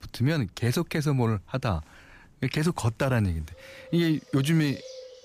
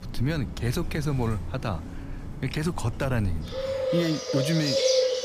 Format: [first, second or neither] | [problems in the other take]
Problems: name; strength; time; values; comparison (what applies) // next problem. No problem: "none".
first | animal sounds; loud; throughout; 1 dB below the speech; faint in the first